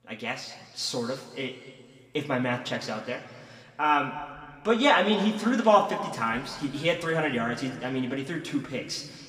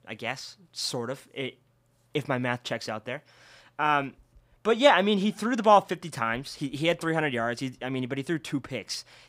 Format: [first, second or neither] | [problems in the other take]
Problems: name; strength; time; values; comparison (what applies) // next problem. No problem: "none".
second | room echo; slight; dies away in 1.9 s // off-mic speech; somewhat distant